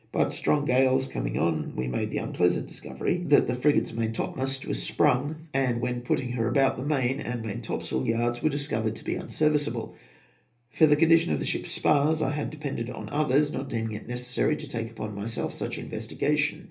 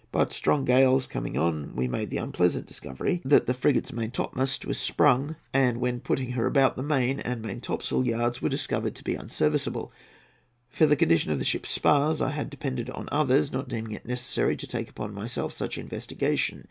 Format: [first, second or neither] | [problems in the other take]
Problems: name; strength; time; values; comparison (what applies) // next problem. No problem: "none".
second | room echo; dies away in 0.3 s